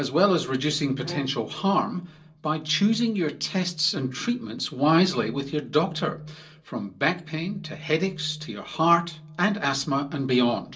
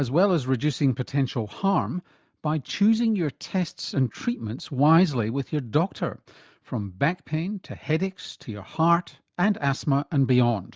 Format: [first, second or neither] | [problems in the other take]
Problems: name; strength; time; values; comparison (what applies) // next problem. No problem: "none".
second | background sound (Bowed string instrument); 16 dB below the speech // room echo; dies away in 0.2 s